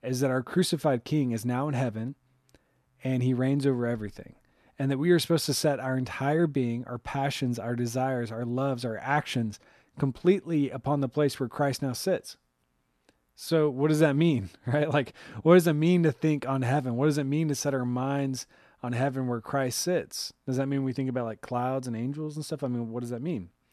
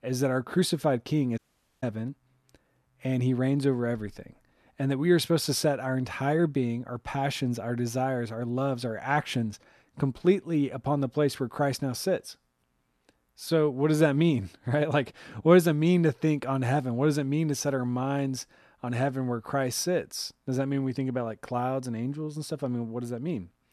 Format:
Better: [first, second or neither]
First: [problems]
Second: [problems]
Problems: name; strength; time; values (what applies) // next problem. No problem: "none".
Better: first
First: none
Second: audio cutting out; at 1.5 s